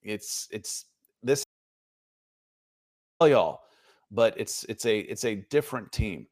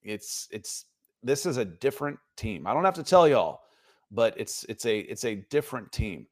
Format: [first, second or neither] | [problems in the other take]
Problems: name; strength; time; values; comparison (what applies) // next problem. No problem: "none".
second | audio cutting out; at 1.5 s for 2 s